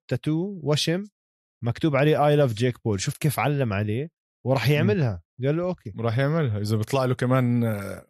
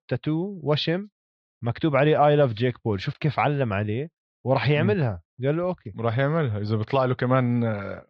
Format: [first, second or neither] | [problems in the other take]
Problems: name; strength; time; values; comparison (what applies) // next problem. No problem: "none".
first | muffled; slightly; fading above 4 kHz